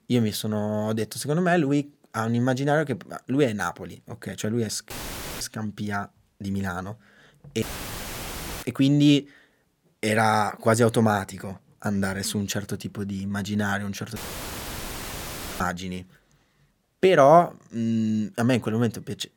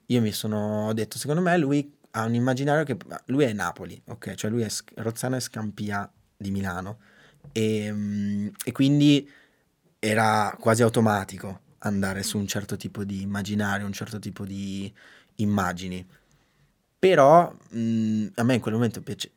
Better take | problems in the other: second | audio cutting out; filled with static; at 5 s for 0.5 s, at 7.5 s for 1 s and at 14 s for 1.5 s

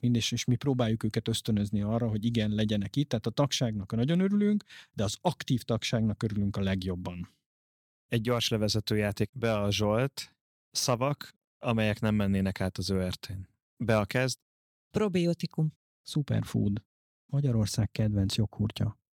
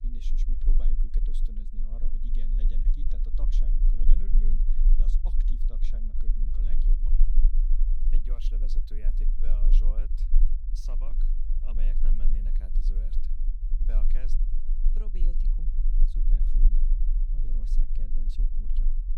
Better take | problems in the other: first | low rumble; loud; throughout; 2 dB below the speech

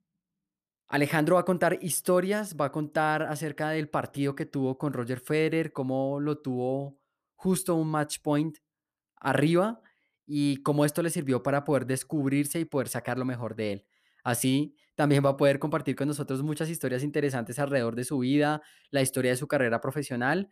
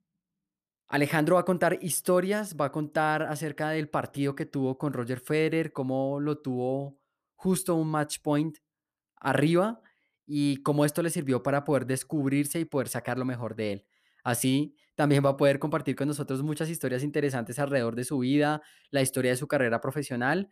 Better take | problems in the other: neither | none

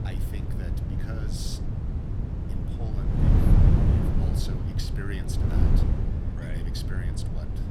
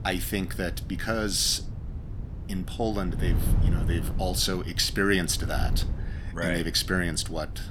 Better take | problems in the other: second | wind noise on the microphone; heavy; 5 dB above the speech; occasional gusts in the second

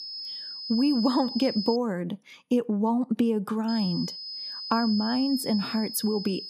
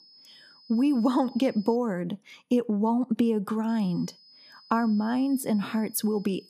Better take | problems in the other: second | high-pitched whine; loud; until 2 s and from 3.5 s on; 5 kHz, 7 dB below the speech; faint in the second

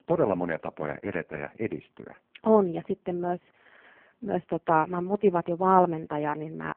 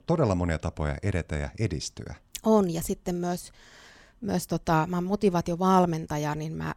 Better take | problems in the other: second | phone-call audio; poor line

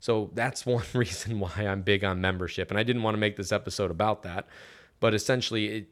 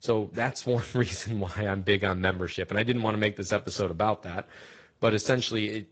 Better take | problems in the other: first | garbled, watery; slightly; nothing above 7.5 kHz

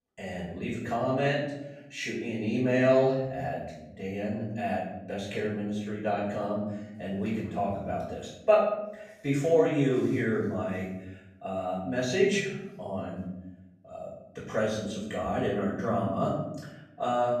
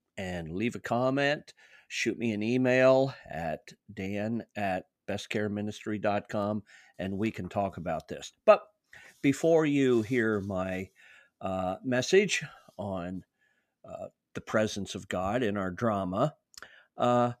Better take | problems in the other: second | off-mic speech; far // room echo; noticeable; dies away in 1 s

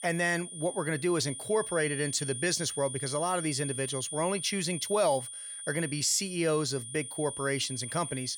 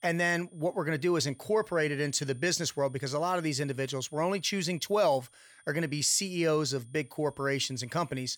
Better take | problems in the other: second | high-pitched whine; loud; throughout; 9.5 kHz, 7 dB below the speech; faint in the second

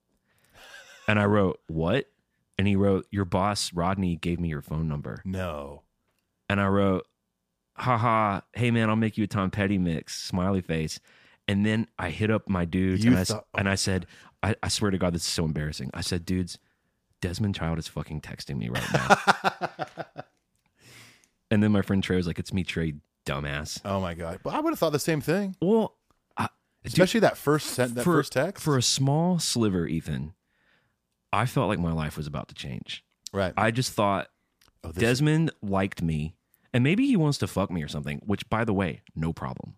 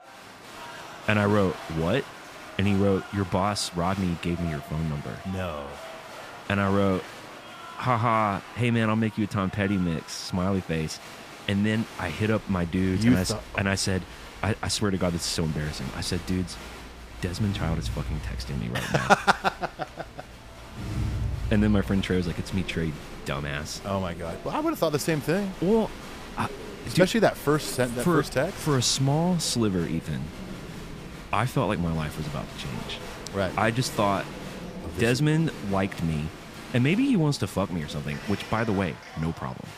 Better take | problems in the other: first | crowd noise; noticeable; throughout; 15 dB below the speech

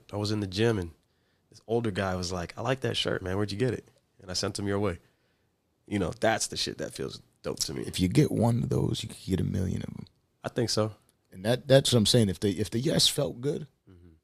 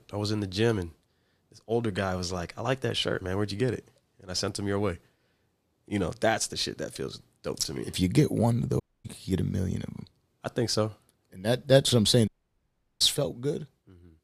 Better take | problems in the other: first | audio cutting out; at 9 s and at 12 s for 0.5 s

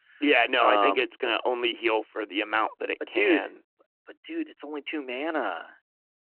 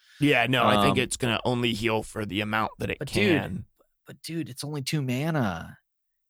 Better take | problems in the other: second | phone-call audio

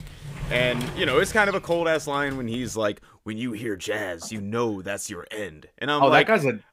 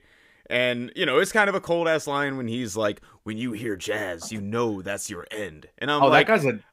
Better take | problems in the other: second | door banging; noticeable; until 2.5 s; peak 7 dB below the speech

